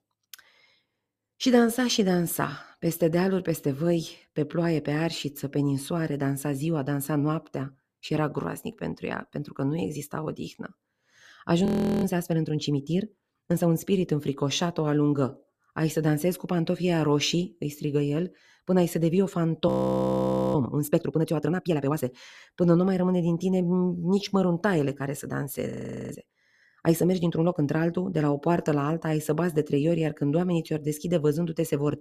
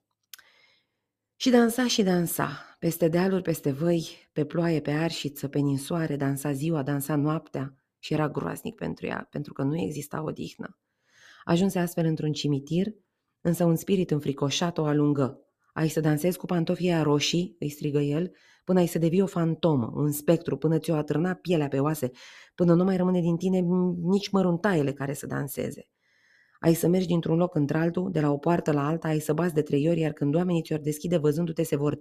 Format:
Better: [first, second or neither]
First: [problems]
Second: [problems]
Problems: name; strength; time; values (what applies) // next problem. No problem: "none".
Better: second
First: audio freezing; at 12 s, at 20 s for 1 s and at 26 s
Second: none